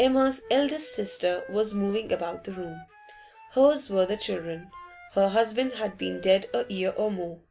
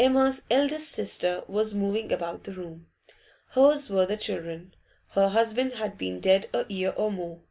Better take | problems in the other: second | background sound (Wind instrument, woodwind instrument); 20 dB below the speech

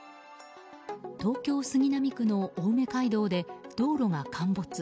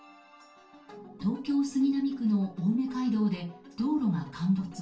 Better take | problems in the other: first | room echo; dies away in 0.2 s

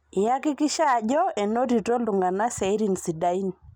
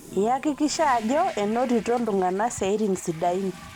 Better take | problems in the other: first | background sound (Toilet flush); 18 dB below the speech

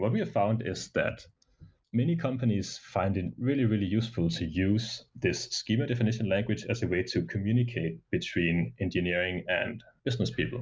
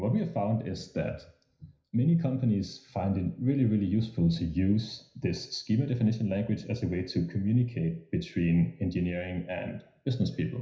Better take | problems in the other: first | room echo; dies away in 0.5 s

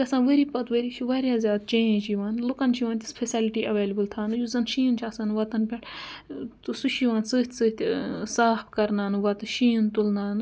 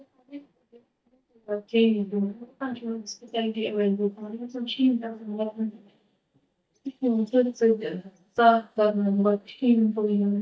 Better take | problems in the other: first | noise reduction (neural mask model DeepFilterNet 3)

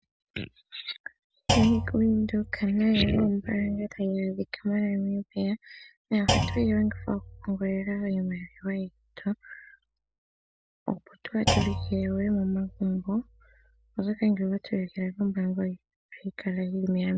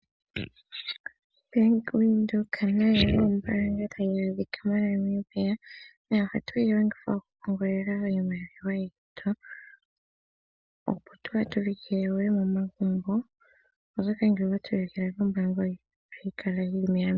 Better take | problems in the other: second | background sound (Thump, thud); 6 dB below the speech

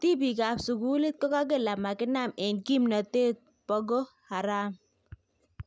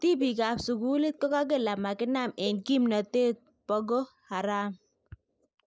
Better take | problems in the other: first | noise reduction (neural mask model Resemble Enhance denoiser)

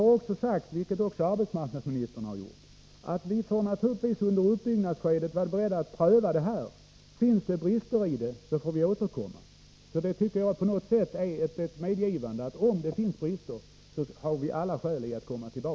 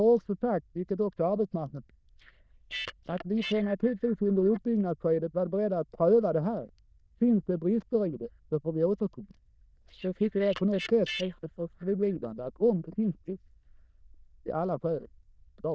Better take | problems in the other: first | noise reduction (neural diffusion model UNIVERSE++)

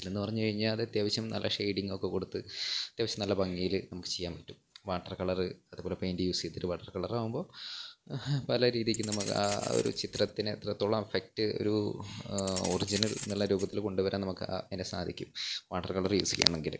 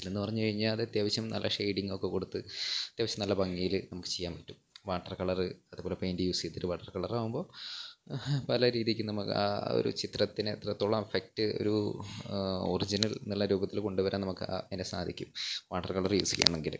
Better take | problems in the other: second | background sound (Keys jangling); 9 dB below the speech

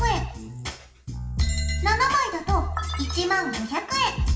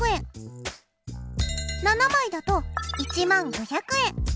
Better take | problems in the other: second | room echo; dies away in 0.8 s

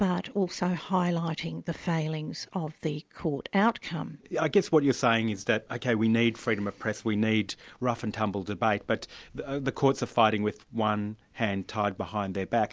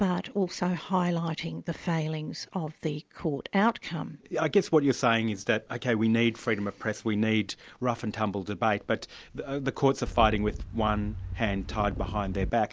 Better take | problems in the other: first | background sound (Wind); 6 dB below the speech

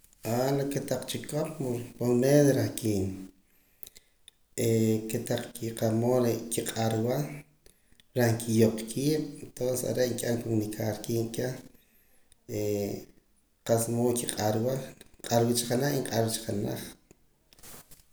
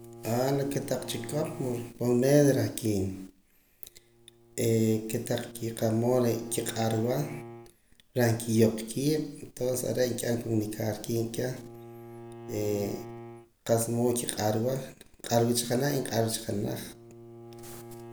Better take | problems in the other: first | background sound (Bowed string instrument); 18 dB below the speech

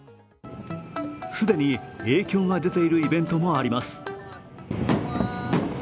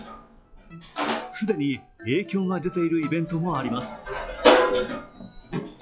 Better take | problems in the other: first | noise reduction (classical method log-MMSE)

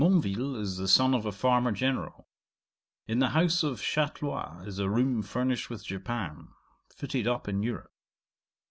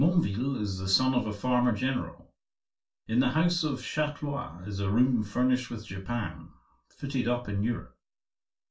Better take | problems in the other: first | room echo; dies away in 0.2 s

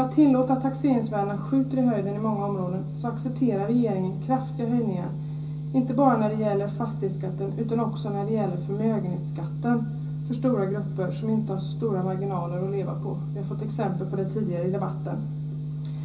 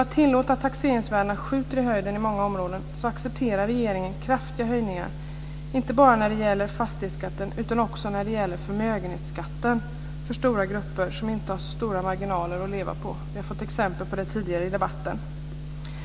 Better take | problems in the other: second | room echo; dies away in 0.5 s

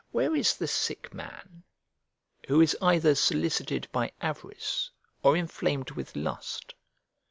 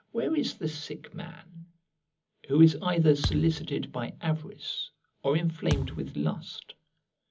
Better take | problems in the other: first | background sound (Thump, thud); 7 dB below the speech // room echo; dies away in 0.4 s

